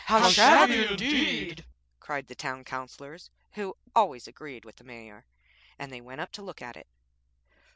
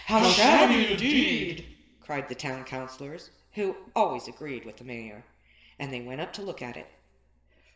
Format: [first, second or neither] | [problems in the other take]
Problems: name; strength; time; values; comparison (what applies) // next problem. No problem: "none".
first | room echo; dies away in 2.1 s